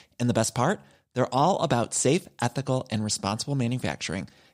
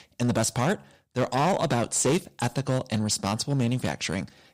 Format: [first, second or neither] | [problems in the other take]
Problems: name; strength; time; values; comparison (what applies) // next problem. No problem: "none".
first | distortion; slight; 8% of the sound clipped